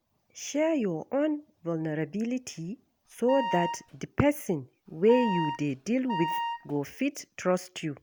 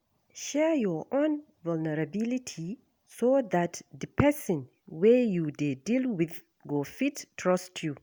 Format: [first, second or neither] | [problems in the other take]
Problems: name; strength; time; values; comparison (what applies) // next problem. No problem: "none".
second | background sound (Wind instrument, woodwind instrument); 5 dB below the speech